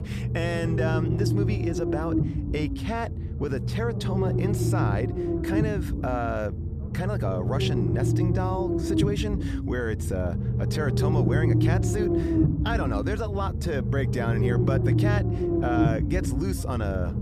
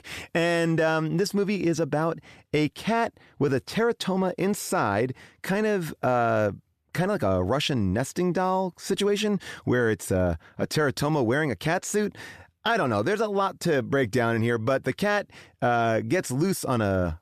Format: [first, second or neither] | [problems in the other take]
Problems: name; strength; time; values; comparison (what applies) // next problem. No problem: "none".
second | low rumble; loud; throughout; 1 dB below the speech